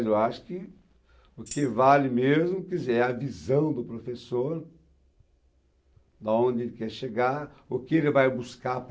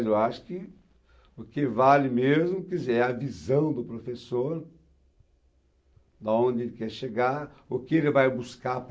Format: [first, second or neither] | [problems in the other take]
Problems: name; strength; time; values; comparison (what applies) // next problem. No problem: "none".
second | background sound (Tambourine); 17 dB below the speech